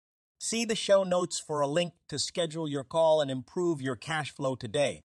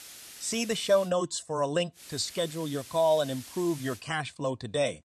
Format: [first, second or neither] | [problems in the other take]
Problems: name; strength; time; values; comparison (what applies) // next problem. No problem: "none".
first | hiss; noticeable; until 1 s and from 2 to 4 s; 15 dB below the speech